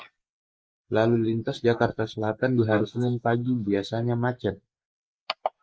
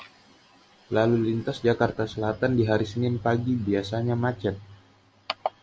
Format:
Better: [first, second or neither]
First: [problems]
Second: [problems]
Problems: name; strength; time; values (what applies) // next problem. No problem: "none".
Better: second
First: noise reduction (neural mask model Resemble Enhance denoiser)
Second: none